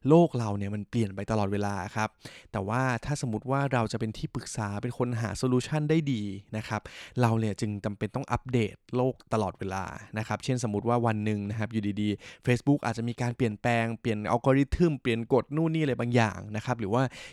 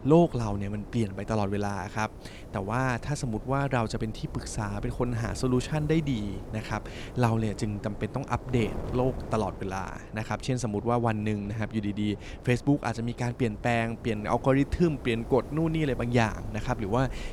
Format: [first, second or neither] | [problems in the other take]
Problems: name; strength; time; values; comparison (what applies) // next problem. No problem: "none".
first | wind noise on the microphone; occasional gusts; 15 dB below the speech